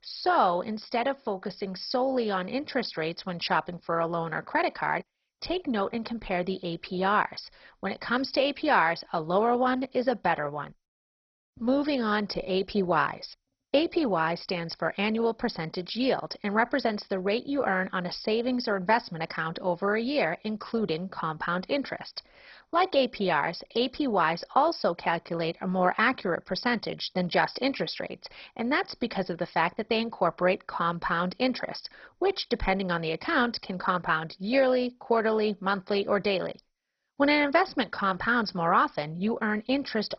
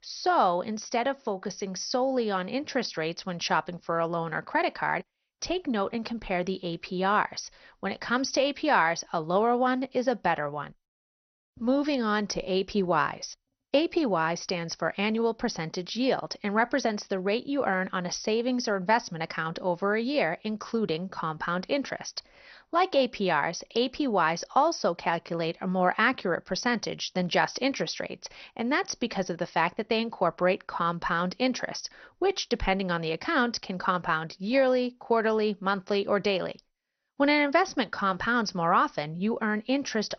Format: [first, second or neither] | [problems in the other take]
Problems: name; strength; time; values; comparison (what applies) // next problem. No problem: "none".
second | garbled, watery; badly; nothing above 5.5 kHz; slightly in the second